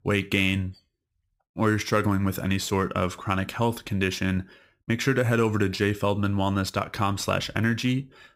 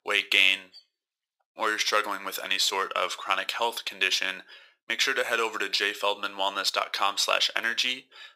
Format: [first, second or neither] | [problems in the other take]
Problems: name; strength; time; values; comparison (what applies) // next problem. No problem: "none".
first | thin; very; fading below 550 Hz